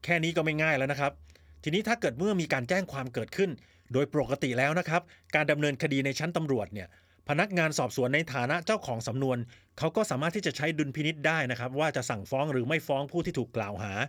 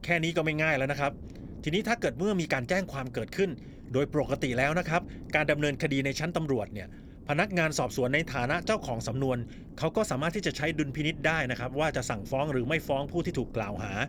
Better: first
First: none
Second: wind noise on the microphone; occasional gusts; 20 dB below the speech

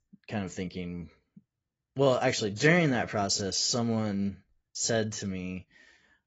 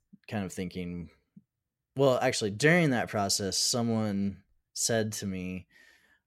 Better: second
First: garbled, watery; badly; nothing above 7.5 kHz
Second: none

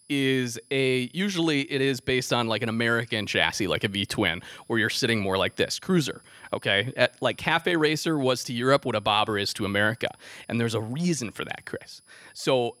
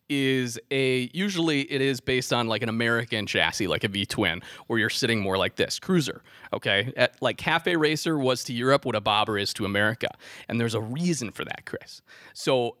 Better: second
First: high-pitched whine; faint; throughout; 10 kHz, 30 dB below the speech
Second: none

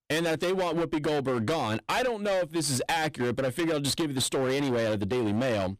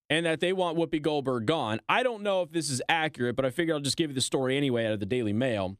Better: second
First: distortion; heavy; 27% of the sound clipped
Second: none

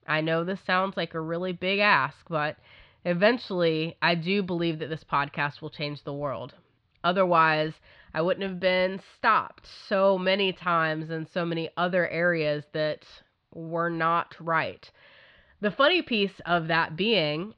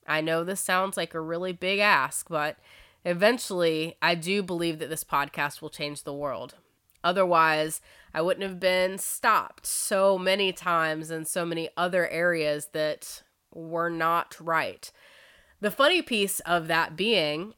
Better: second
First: muffled; very slightly; fading above 4 kHz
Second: none

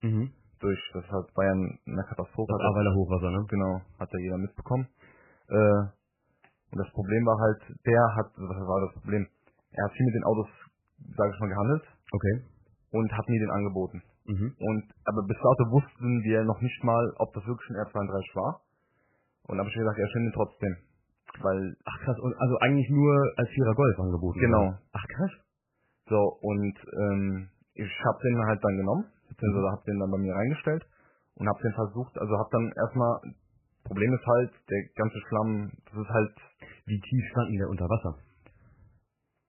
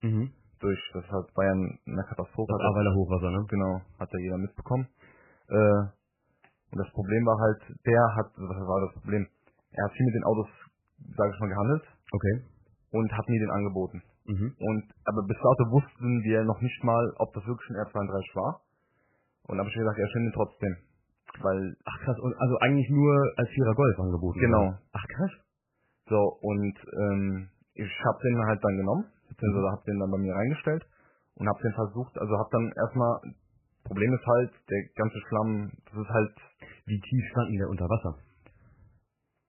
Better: neither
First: garbled, watery; badly; nothing above 3 kHz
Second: garbled, watery; badly; nothing above 3 kHz

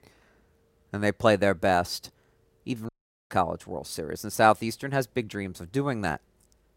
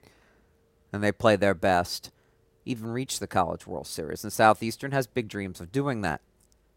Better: second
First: audio cutting out; at 3 s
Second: none

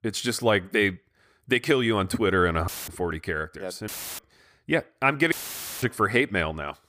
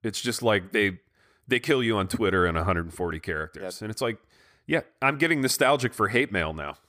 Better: second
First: audio cutting out; filled with static; at 2.5 s, at 4 s and at 5.5 s for 0.5 s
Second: none

